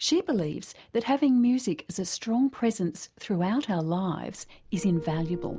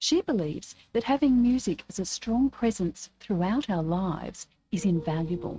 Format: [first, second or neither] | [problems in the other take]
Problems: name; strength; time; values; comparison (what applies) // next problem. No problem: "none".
first | noise reduction (neural mask model RNNoise)